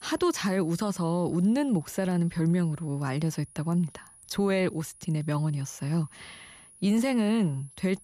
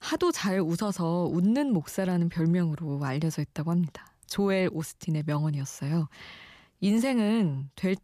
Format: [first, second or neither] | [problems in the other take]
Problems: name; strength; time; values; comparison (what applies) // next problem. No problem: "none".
second | high-pitched whine; faint; throughout; 10.5 kHz, 25 dB below the speech